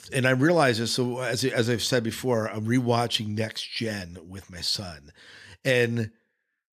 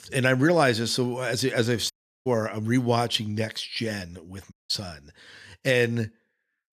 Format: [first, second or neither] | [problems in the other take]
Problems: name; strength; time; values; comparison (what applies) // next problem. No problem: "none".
first | audio cutting out; at 2 s and at 4.5 s